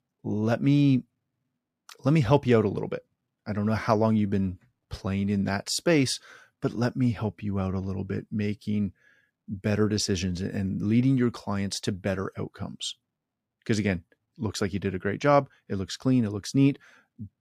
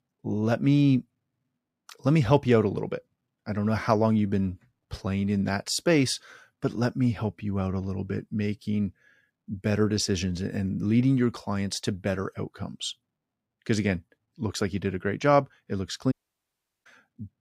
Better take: first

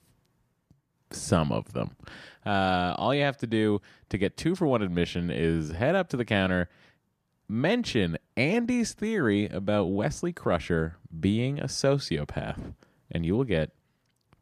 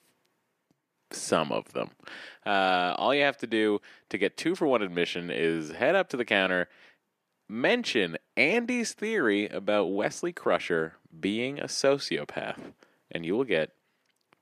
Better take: first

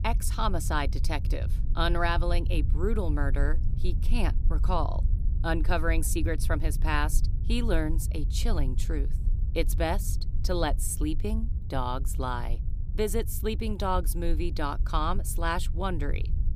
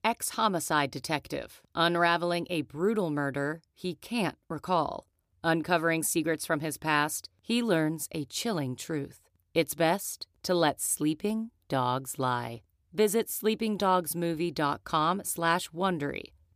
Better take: second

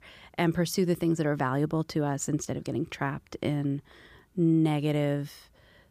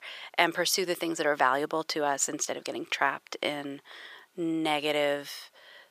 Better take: first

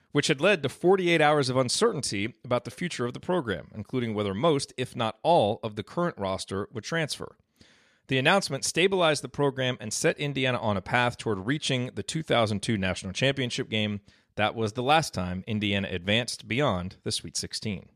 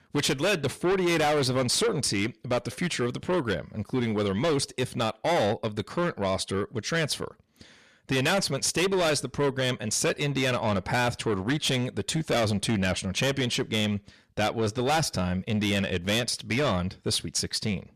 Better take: first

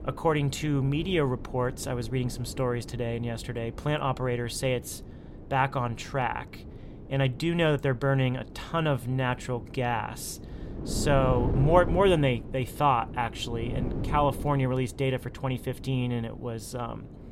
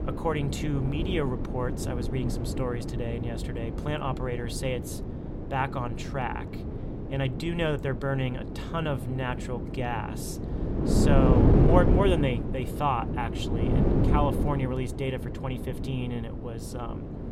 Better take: first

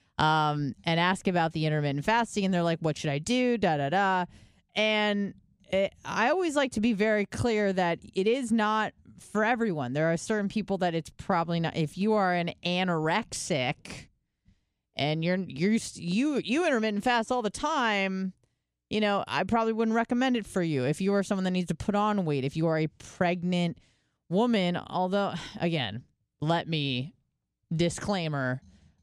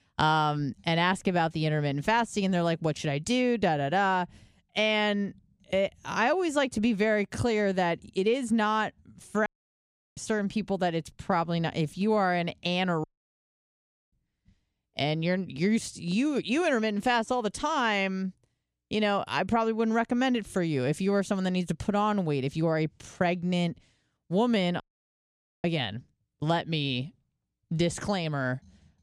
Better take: first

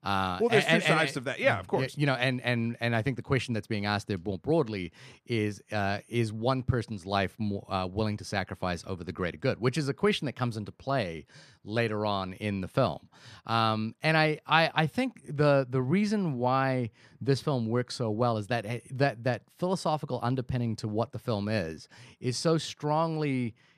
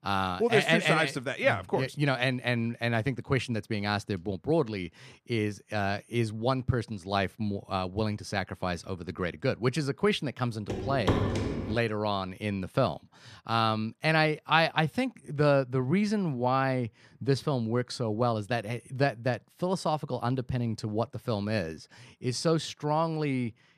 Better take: first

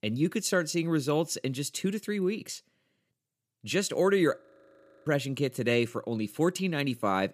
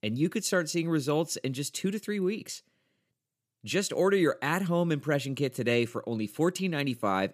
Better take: second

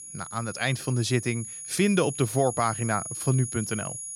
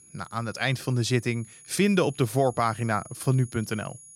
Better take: second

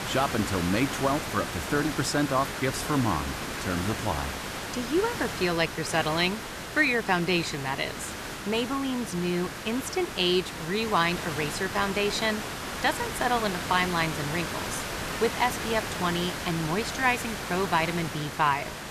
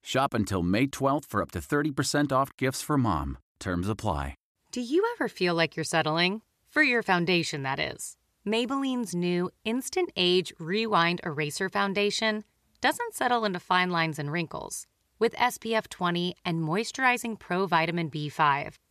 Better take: second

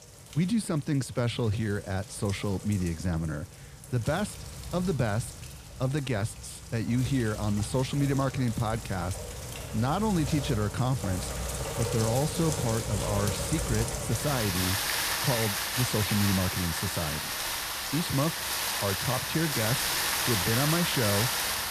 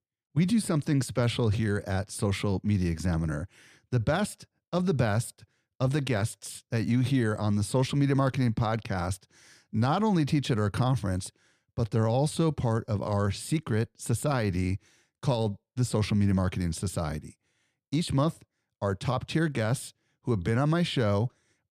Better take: second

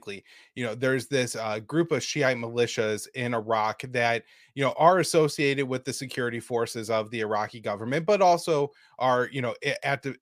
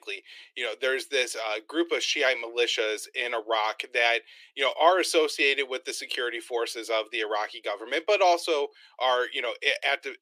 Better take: first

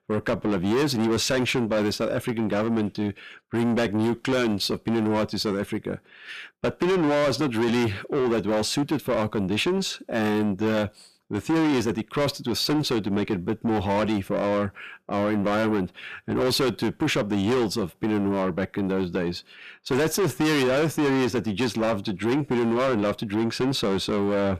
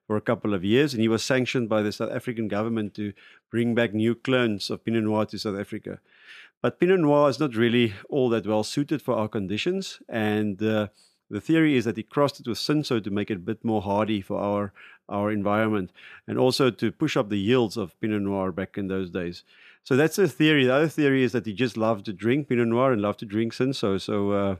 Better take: second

